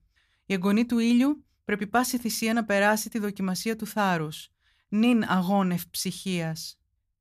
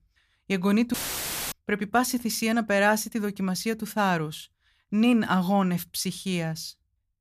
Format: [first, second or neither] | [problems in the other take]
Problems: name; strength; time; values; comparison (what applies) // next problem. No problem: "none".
first | audio cutting out; filled with static; at 1 s for 0.5 s